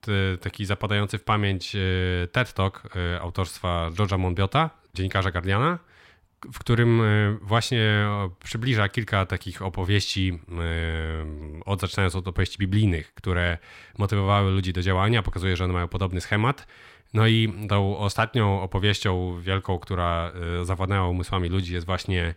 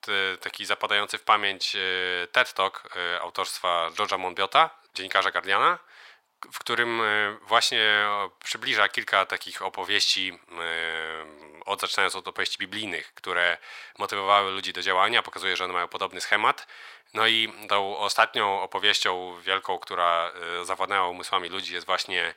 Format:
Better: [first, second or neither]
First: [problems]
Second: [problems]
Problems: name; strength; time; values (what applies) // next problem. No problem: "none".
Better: first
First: none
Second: thin; very; fading below 750 Hz